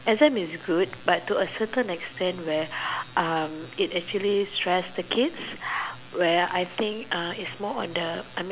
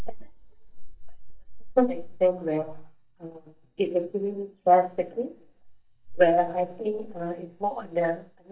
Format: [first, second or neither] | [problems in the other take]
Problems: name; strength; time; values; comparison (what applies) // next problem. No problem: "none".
first | noise reduction (neural mask model DeepFilterNet 3)